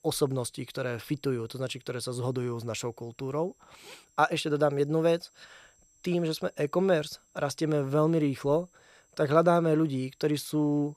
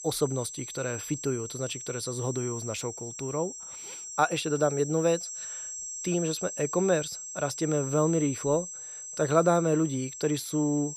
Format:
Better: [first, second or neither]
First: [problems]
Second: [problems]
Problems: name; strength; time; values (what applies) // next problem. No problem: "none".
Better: first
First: high-pitched whine; faint; throughout; 7.5 kHz, 35 dB below the speech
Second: high-pitched whine; loud; throughout; 7.5 kHz, 8 dB below the speech